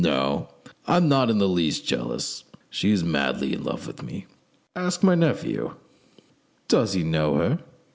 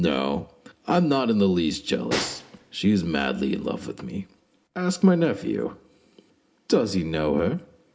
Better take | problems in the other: first | background sound (Snare drum); 12 dB below the speech // room echo; dies away in 0.3 s

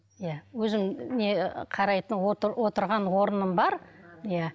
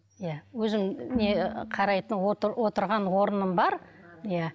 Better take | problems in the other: first | background sound (Bowed string instrument); 11 dB below the speech

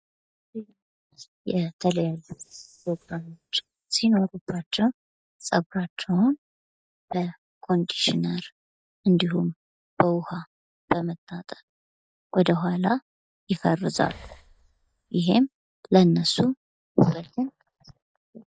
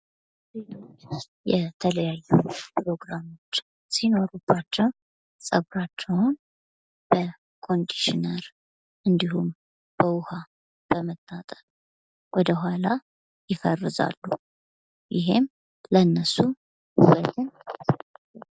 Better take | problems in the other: second | noise reduction (neural mask model DeepFilterNet 3)

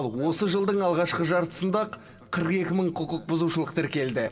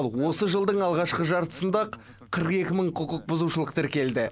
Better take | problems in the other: second | room echo; dies away in 2.3 s

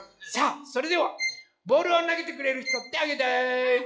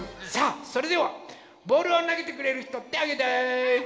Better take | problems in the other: second | noise reduction (classical method log-MMSE)

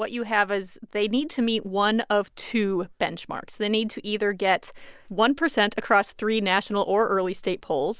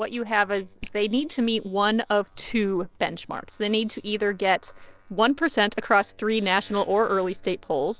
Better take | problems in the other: first | noise reduction (neural separator model SepFormer DNS4)

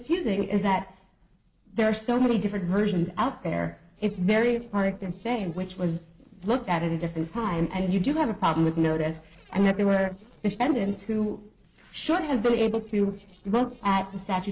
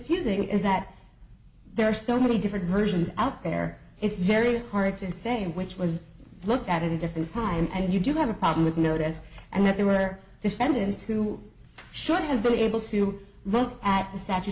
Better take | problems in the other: second | noise reduction (neural separator model SepFormer DNS4)

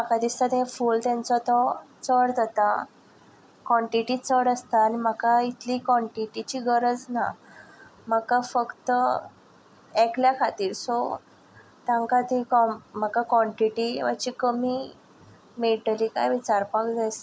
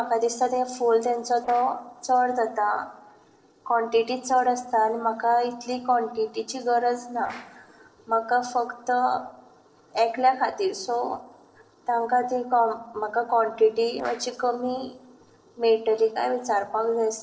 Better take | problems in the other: first | noise reduction (neural separator model SepFormer DNS4)

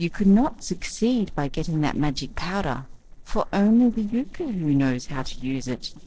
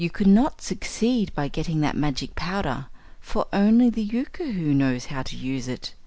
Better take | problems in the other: second | noise reduction (neural separator model SepFormer DNS4)

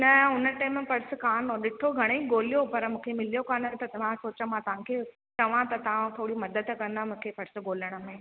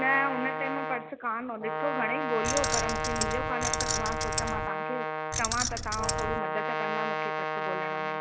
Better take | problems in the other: first | background sound (Keys jangling + Brass instrument); 3 dB above the speech

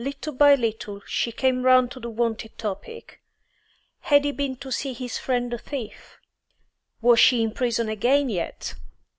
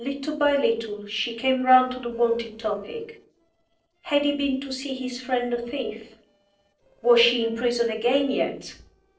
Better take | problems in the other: first | noise reduction (neural separator model SepFormer DNS4)

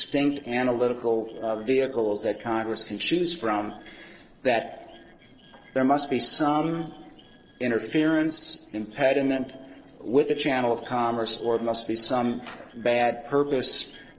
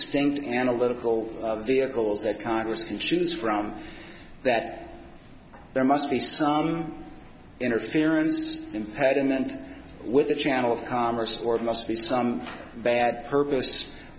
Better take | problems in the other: second | noise reduction (neural separator model SepFormer DNS4)

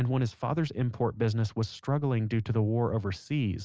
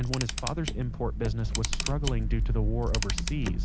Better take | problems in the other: first | background sound (Camera); 2 dB above the speech

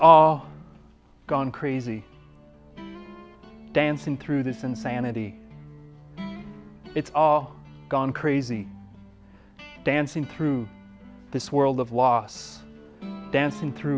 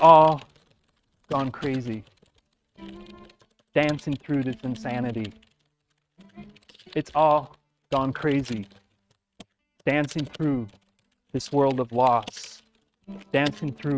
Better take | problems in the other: first | noise reduction (neural mask model RNNoise)

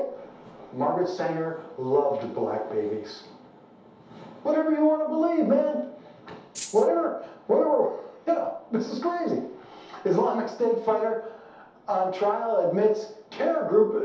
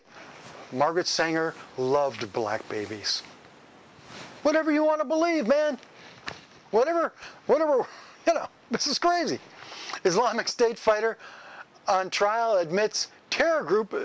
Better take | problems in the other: second | background sound (Rattle (instrument)); 11 dB below the speech // room echo; dies away in 0.8 s

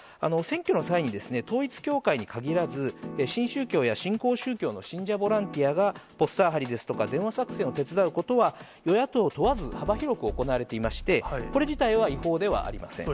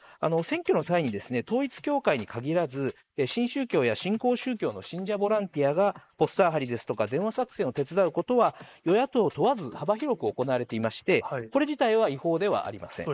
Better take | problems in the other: first | noise reduction (neural mask model Resemble Enhance denoiser)

